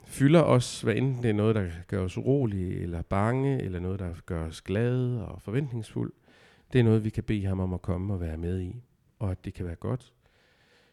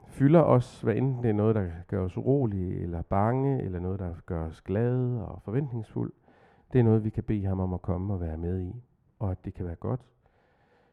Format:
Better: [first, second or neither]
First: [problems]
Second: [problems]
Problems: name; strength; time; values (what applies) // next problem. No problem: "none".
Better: first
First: none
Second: muffled; very; fading above 2 kHz